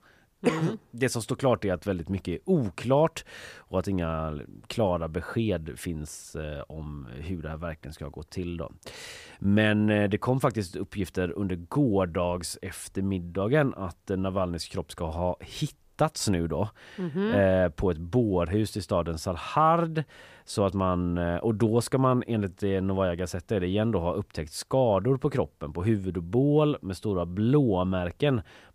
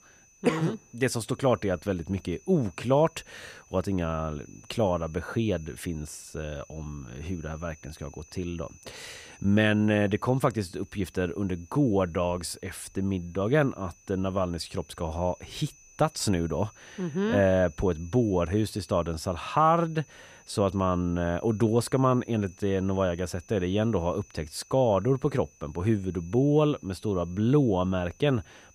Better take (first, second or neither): first